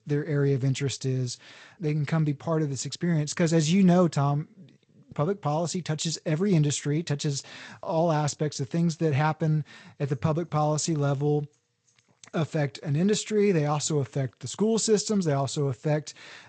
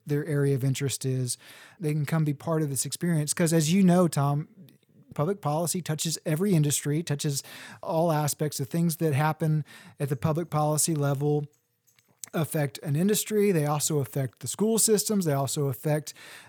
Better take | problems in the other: second | garbled, watery; slightly; nothing above 8 kHz

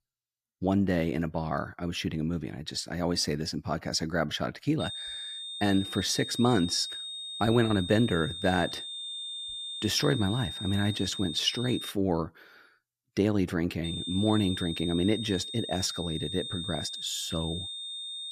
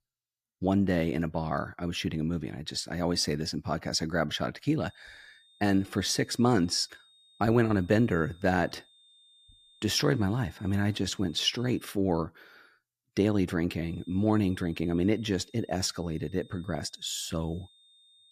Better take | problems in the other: second | high-pitched whine; loud; from 5 to 12 s and from 14 s on; 3.5 kHz, 7 dB below the speech; faint in the second

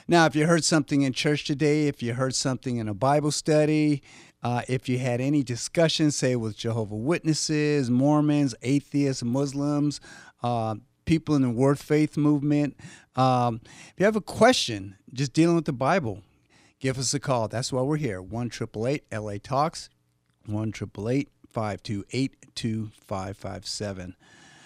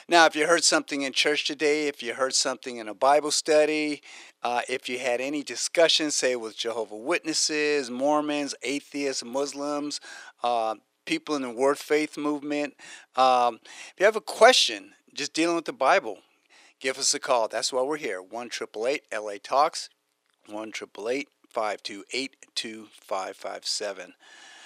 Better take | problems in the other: first | thin; somewhat; fading below 450 Hz

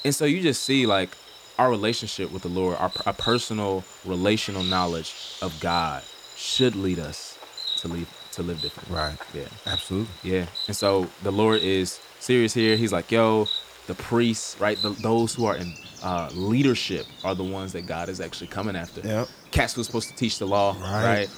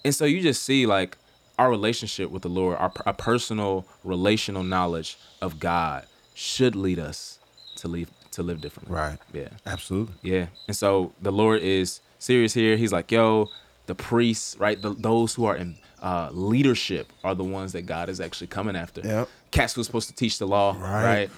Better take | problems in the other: second | animal sounds; loud; throughout; 8 dB below the speech; faint in the second

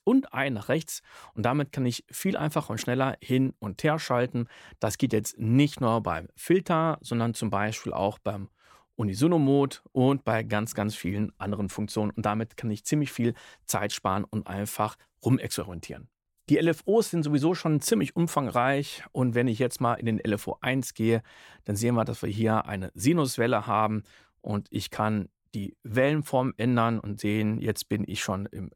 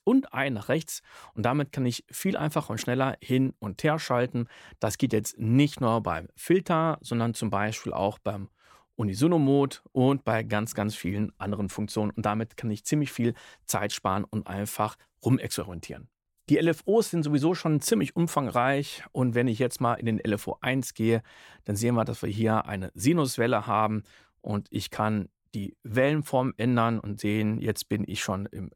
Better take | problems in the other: neither | none

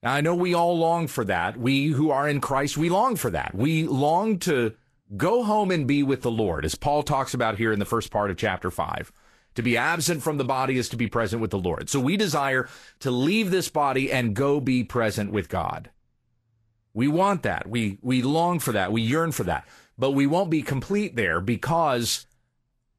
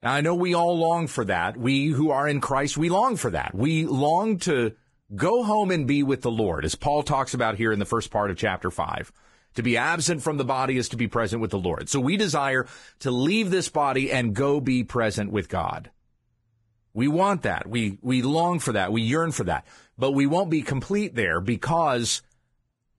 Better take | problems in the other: first | garbled, watery; badly; nothing above 11 kHz; slightly in the first

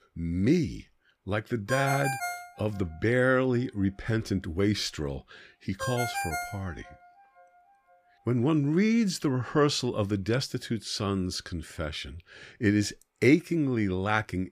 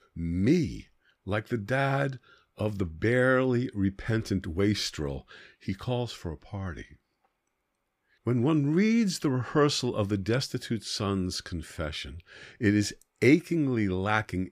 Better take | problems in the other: second | phone ringing; noticeable; from 1.5 to 7 s; peak 3 dB below the speech

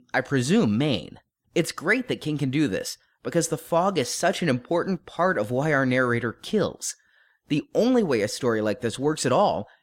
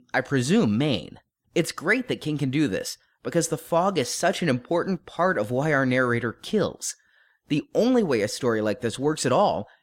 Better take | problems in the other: neither | none

